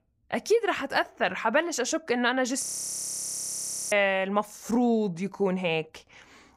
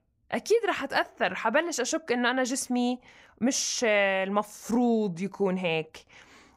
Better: second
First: audio freezing; at 2.5 s for 1.5 s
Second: none

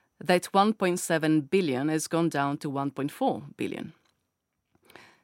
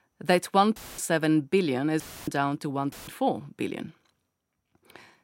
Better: first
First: none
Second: audio cutting out; filled with static; at 1 s, at 2 s and at 3 s

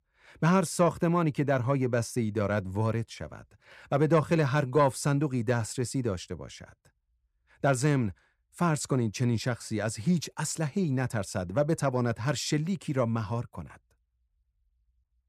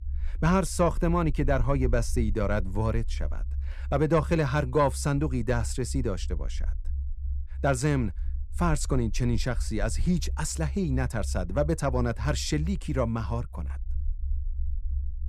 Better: first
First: none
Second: low rumble; faint; throughout; 25 dB below the speech

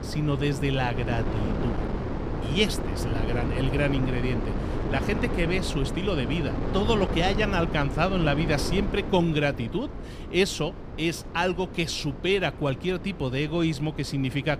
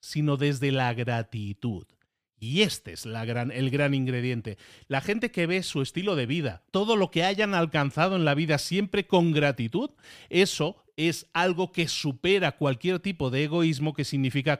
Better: second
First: wind noise on the microphone; heavy; 8 dB below the speech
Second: none

